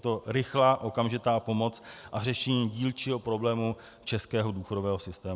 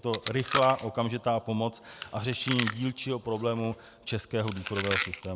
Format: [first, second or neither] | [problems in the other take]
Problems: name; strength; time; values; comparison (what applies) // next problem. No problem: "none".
first | background sound (Chewing, mastication); 8 dB below the speech